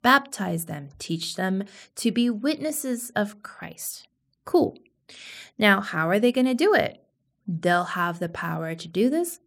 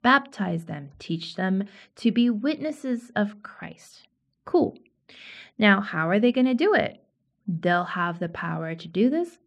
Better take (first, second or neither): first